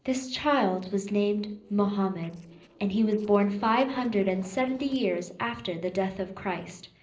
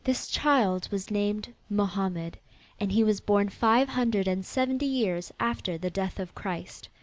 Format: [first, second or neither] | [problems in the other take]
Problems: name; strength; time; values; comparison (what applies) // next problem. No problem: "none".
second | noise reduction (neural separator model SepFormer DNS4)